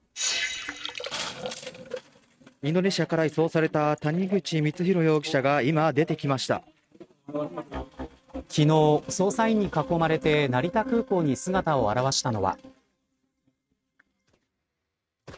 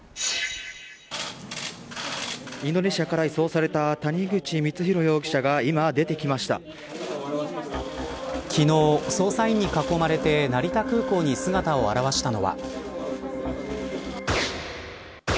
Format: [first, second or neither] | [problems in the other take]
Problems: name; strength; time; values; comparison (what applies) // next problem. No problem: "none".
second | noise reduction (neural mask model RNNoise)